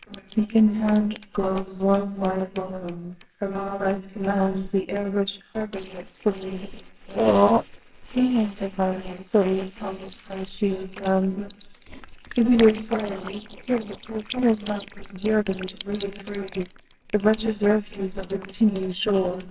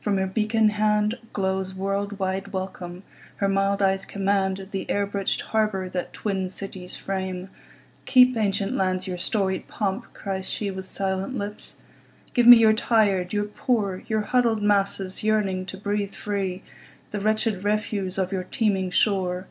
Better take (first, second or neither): second